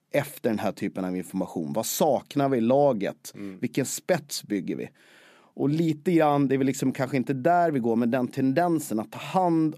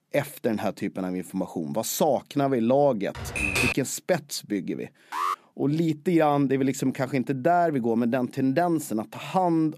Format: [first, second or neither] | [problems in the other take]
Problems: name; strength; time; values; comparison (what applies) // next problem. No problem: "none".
first | keyboard typing; loud; at 3 s; peak 2 dB above the speech // alarm; noticeable; at 5 s; peak 3 dB below the speech